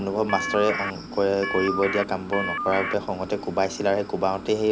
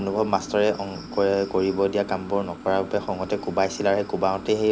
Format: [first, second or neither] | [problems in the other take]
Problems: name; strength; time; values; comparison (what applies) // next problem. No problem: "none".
second | background sound (Telephone); 4 dB below the speech